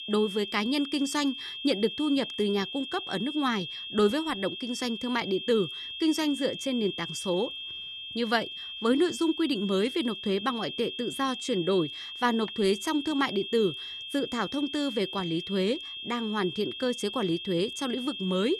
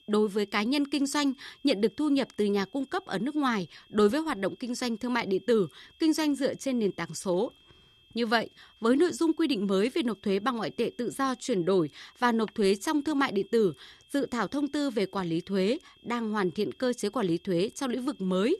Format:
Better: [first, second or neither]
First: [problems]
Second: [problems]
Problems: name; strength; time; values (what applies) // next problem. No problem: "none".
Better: second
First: high-pitched whine; loud; throughout; 3 kHz, 7 dB below the speech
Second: high-pitched whine; faint; throughout; 3 kHz, 30 dB below the speech